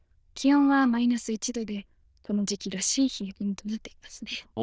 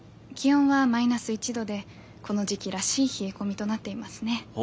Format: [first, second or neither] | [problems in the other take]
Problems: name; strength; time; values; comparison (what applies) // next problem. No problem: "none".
second | noise reduction (neural diffusion model UNIVERSE++)